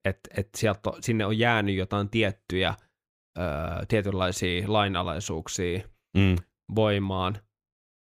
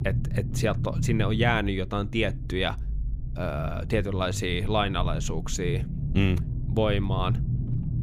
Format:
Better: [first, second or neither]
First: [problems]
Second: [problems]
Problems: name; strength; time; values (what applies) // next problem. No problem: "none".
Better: first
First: none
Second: low rumble; noticeable; throughout; 15 dB below the speech